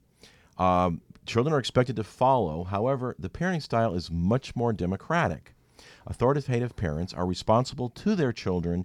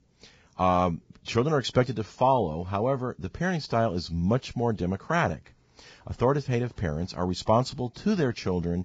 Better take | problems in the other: first | garbled, watery; badly; nothing above 7.5 kHz

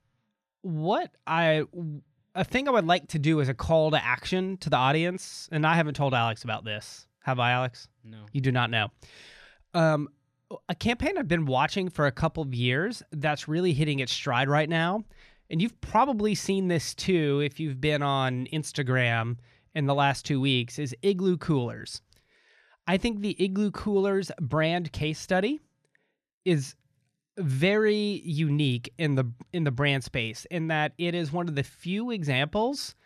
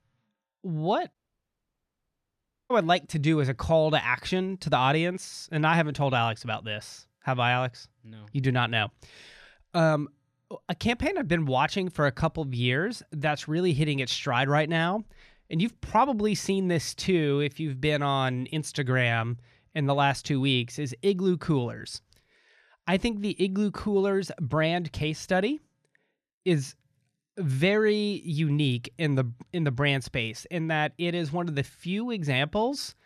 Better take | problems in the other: first | audio cutting out; at 1 s for 1.5 s

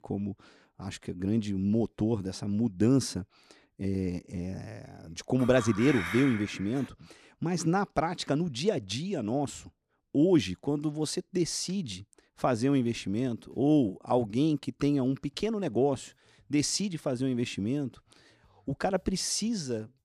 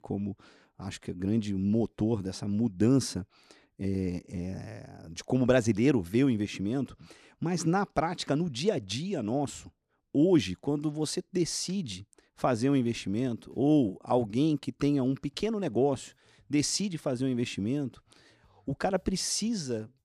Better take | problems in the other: second | clattering dishes; noticeable; from 5.5 to 7 s; peak 4 dB below the speech

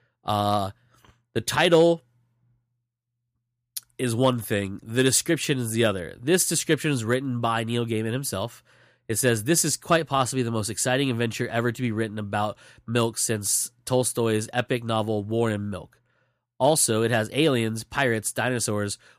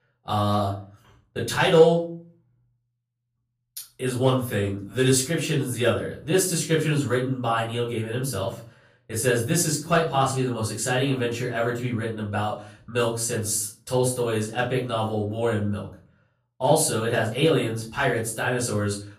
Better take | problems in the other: first | off-mic speech; far // room echo; slight; dies away in 0.4 s

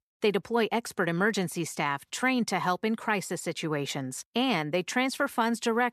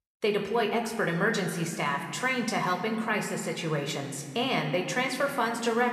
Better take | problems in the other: first | room echo; slight; dies away in 1.5 s

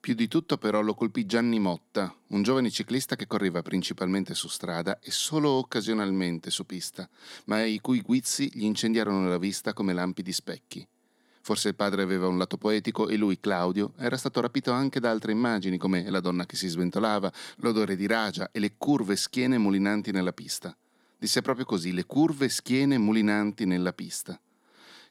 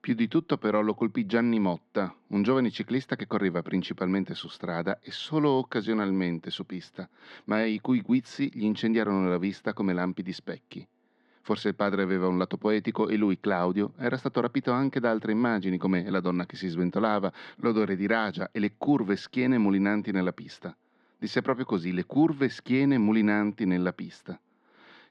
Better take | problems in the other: first | muffled; slightly; fading above 3 kHz

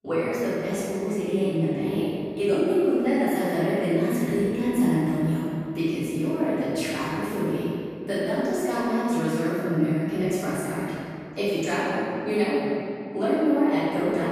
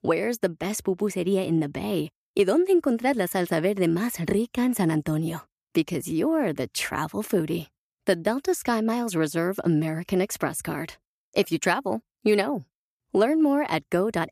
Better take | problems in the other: second | off-mic speech; far // room echo; strong; dies away in 2.3 s

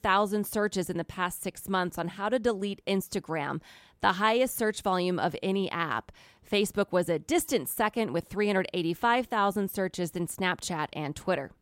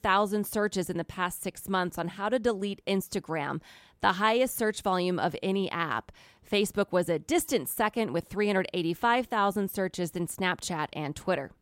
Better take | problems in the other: neither | none

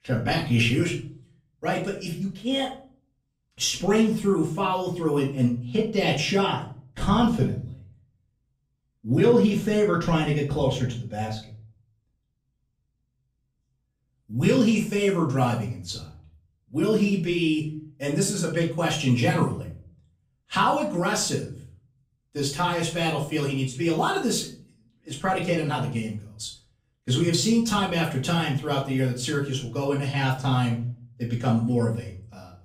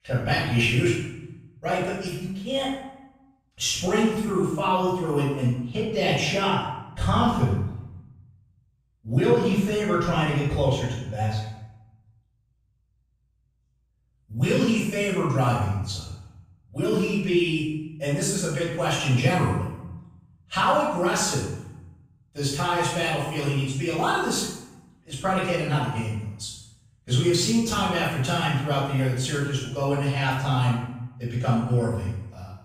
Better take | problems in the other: first | room echo; strong; dies away in 0.8 s; slight in the first // off-mic speech; far; far in the first

